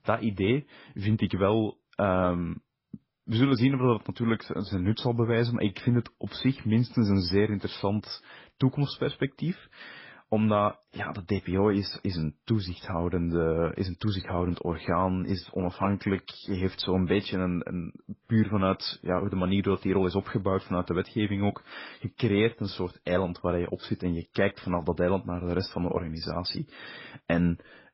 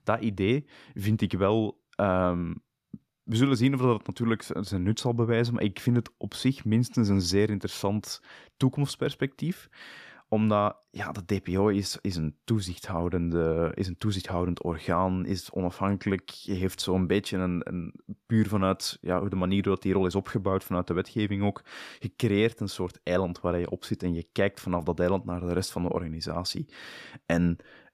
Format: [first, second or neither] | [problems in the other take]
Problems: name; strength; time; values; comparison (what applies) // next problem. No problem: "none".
second | garbled, watery; badly; nothing above 5.5 kHz